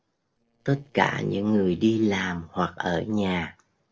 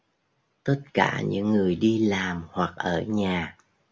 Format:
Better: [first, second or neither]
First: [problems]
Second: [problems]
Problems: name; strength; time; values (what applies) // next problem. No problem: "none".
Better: second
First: noise reduction (neural separator model SepFormer DNS4)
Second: none